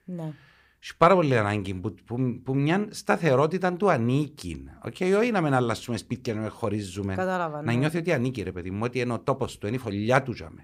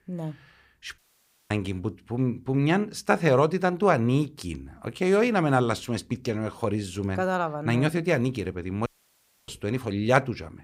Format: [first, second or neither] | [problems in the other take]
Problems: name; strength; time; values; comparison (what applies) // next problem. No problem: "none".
first | audio cutting out; at 1 s for 0.5 s and at 9 s for 0.5 s